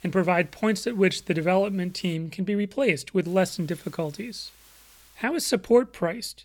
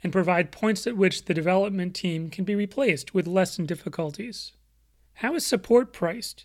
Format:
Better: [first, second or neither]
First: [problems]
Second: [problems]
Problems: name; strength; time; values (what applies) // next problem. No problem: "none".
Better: second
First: hiss; faint; until 2 s and from 3.5 to 5 s; 30 dB below the speech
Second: none